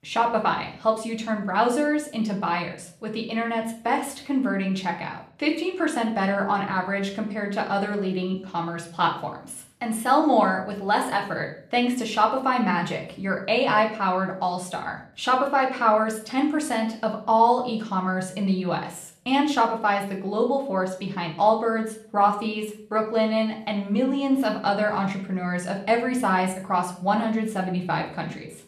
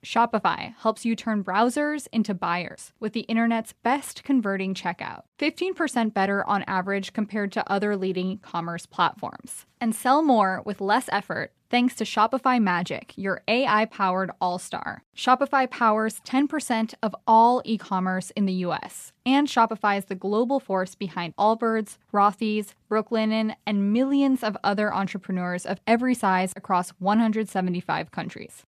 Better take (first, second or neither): second